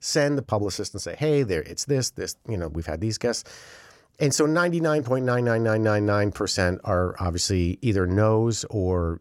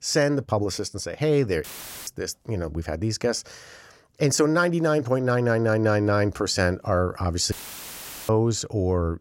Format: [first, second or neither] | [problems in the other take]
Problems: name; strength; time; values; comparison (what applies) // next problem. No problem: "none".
first | audio cutting out; filled with static; at 1.5 s and at 7.5 s for 1 s